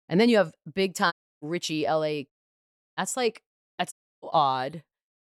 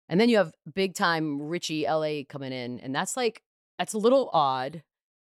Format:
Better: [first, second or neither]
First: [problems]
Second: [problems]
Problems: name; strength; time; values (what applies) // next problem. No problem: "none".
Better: second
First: audio cutting out; at 1 s, at 2.5 s for 0.5 s and at 4 s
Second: none